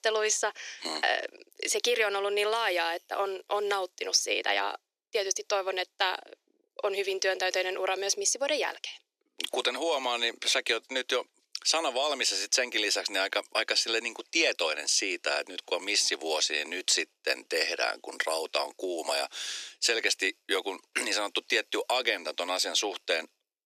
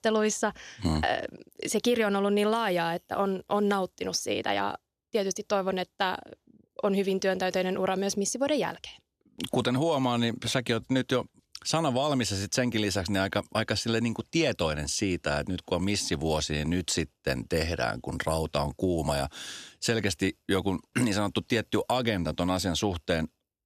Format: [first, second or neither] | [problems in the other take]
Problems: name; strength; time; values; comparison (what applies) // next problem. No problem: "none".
second | thin; very; fading below 350 Hz